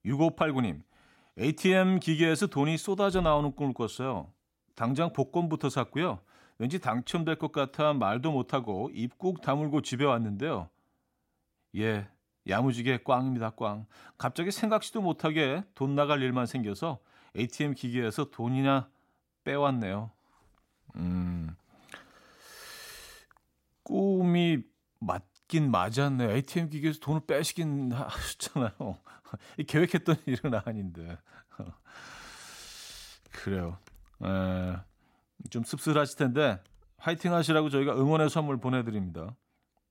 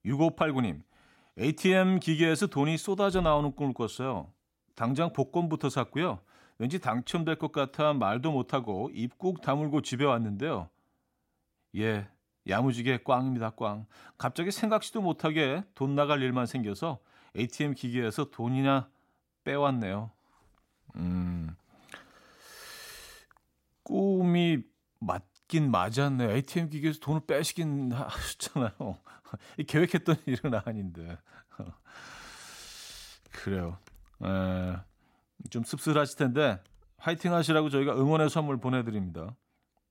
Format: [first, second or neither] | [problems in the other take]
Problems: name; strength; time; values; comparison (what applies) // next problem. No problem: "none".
neither | none